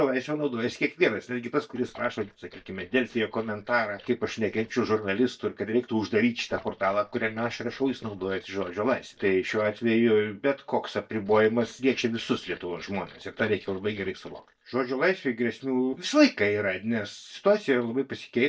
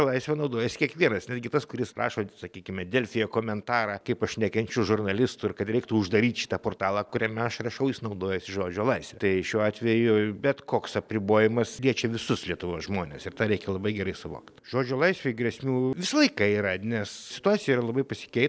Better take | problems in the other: second | noise reduction (neural mask model DeepFilterNet 3)

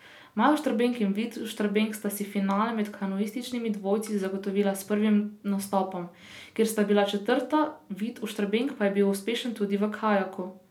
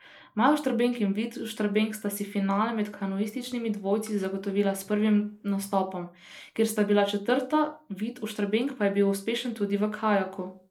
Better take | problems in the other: first | noise reduction (neural mask model Resemble Enhance denoiser)

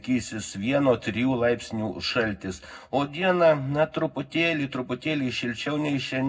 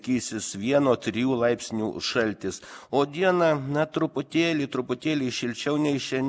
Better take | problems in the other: second | room echo; dies away in 0.3 s

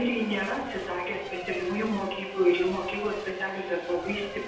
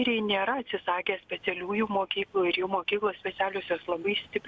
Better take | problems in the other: second | background sound (Race car, auto racing / Accelerating, revving, vroom / Mechanisms); 11 dB below the speech // room echo; dies away in 0.8 s

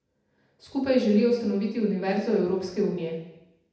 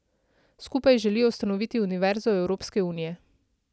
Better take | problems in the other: second | room echo; dies away in 0.8 s

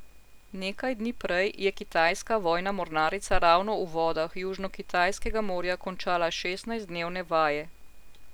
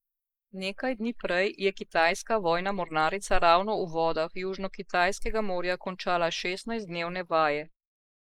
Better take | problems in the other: first | noise reduction (neural mask model Resemble Enhance denoiser)

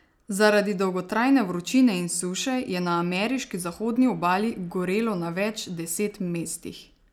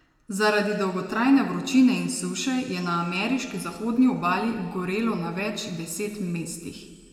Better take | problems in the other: first | room echo; dies away in 2 s

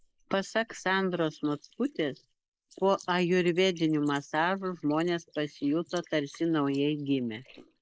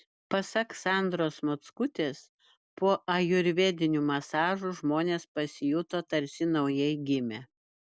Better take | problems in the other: second | noise reduction (neural mask model Resemble Enhance denoiser)

